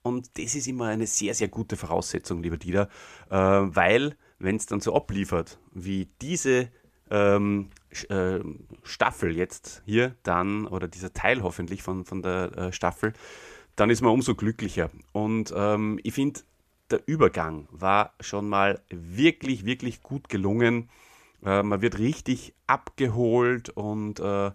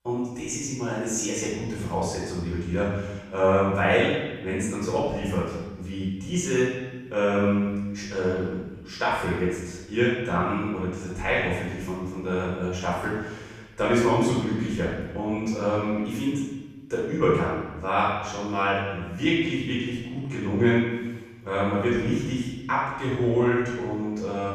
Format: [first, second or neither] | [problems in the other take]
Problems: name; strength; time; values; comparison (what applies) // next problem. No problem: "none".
first | off-mic speech; far // room echo; strong; dies away in 1.2 s